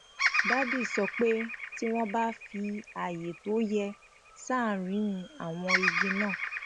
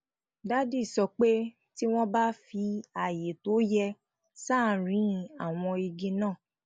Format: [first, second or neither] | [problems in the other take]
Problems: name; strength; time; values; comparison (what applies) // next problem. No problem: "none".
second | background sound (Bird vocalization, bird call, bird song); 2 dB below the speech